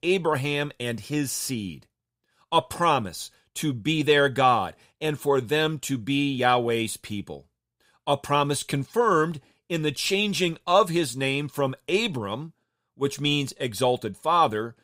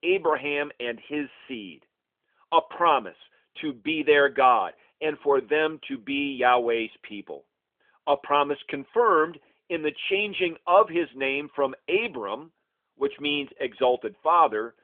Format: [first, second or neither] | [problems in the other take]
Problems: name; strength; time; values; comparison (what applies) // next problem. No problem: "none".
first | phone-call audio; nothing above 3.5 kHz